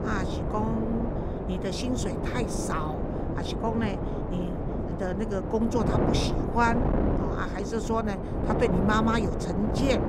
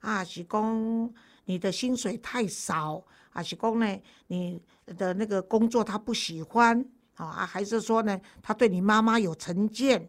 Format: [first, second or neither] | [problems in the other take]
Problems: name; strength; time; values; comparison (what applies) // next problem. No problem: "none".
second | wind noise on the microphone; heavy; 3 dB below the speech